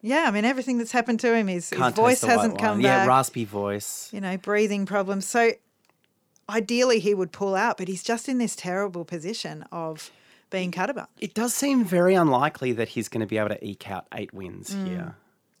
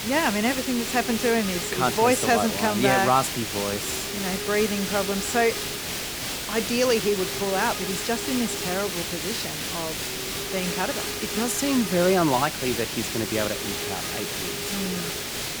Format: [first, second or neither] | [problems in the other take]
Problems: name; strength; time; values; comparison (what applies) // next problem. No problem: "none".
first | hiss; loud; throughout; 3 dB below the speech